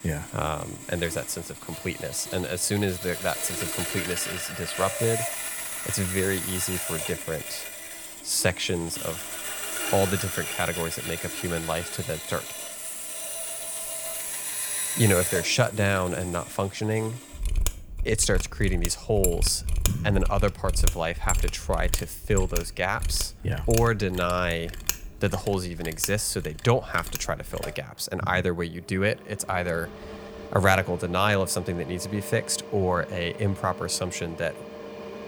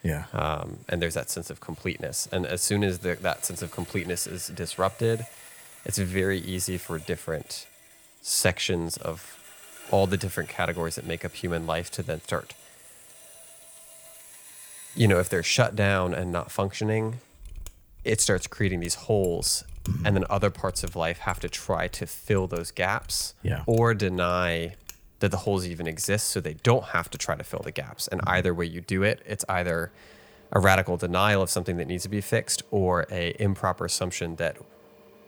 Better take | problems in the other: second | machinery noise; loud; throughout; 5 dB below the speech; faint in the second

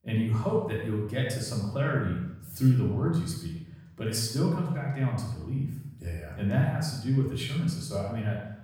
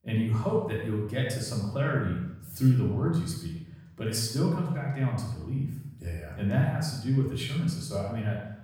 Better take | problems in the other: neither | off-mic speech; far; the same in both // room echo; noticeable; dies away in 0.8 s; the same in both

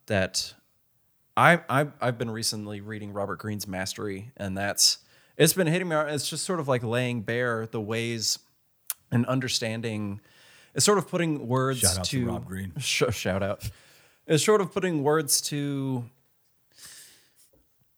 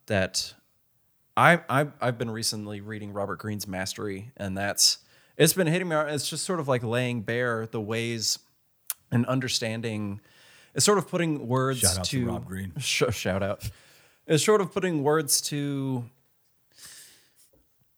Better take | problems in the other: neither | none

